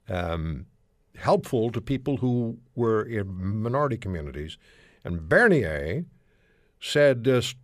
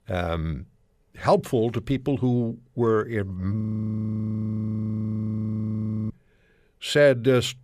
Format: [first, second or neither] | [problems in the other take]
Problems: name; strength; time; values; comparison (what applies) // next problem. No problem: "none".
first | audio freezing; at 3.5 s for 2.5 s